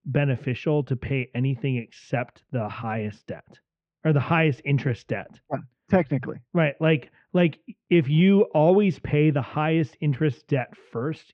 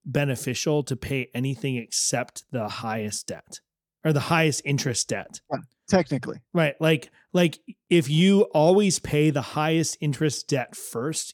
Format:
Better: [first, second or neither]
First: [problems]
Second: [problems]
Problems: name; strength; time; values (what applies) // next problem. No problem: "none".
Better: second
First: muffled; very; fading above 2.5 kHz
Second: none